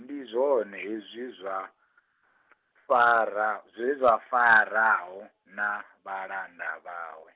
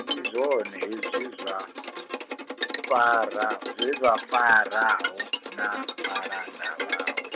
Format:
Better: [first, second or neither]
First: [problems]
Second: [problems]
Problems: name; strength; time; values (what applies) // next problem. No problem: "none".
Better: first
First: none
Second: background sound (Bowed string instrument); 6 dB below the speech